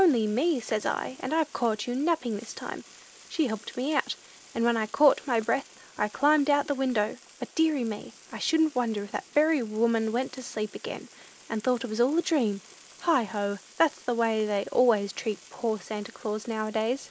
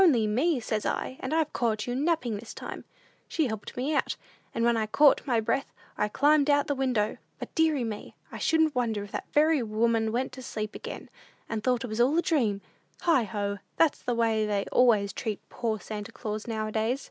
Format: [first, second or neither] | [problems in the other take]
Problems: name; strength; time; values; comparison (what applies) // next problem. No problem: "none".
second | noise reduction (neural mask model Resemble Enhance denoiser)